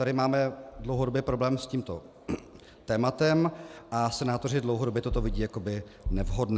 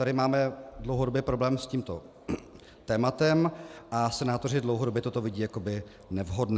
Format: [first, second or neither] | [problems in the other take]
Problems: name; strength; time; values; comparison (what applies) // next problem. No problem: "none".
second | background sound (Bass drum); 1 dB below the speech